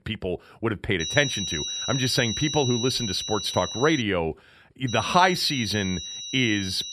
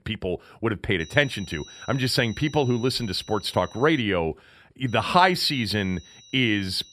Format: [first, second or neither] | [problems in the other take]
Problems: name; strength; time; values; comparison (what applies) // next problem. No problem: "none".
second | high-pitched whine; loud; from 1 to 4 s and from 5 s on; 4 kHz, 5 dB below the speech; faint in the second